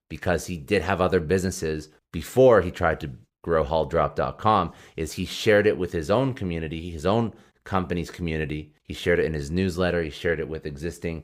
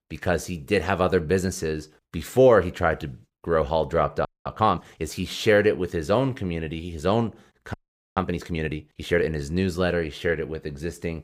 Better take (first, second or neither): first